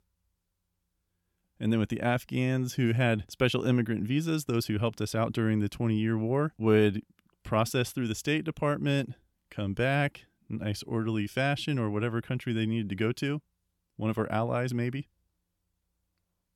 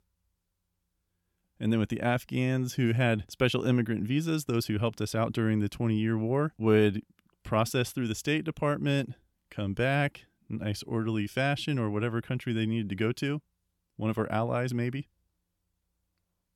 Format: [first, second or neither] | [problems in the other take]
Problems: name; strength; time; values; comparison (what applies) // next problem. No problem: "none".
neither | none